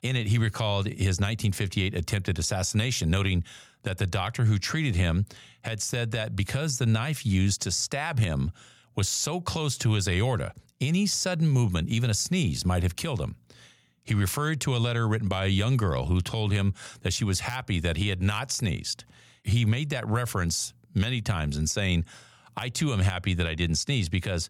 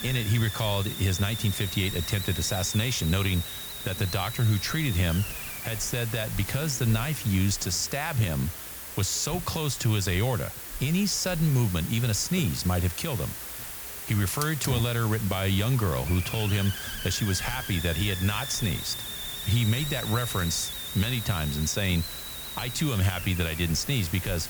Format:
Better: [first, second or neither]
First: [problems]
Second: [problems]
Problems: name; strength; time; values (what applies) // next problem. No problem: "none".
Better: first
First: none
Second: hiss; loud; throughout; 6 dB below the speech